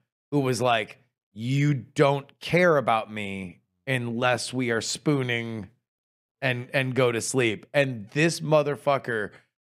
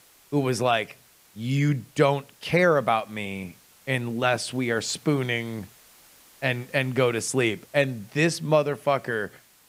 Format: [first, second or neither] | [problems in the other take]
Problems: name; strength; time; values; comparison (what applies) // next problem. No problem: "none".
first | hiss; faint; throughout; 30 dB below the speech